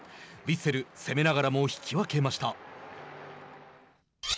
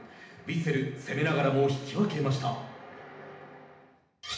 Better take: first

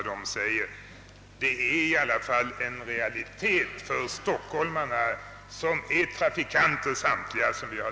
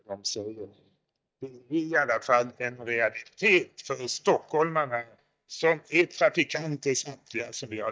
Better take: first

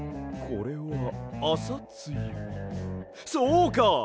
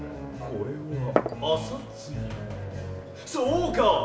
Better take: first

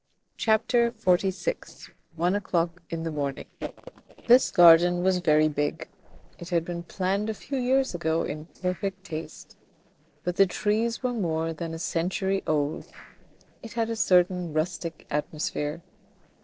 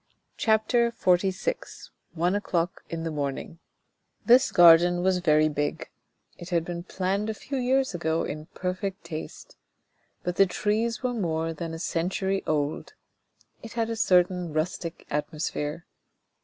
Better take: second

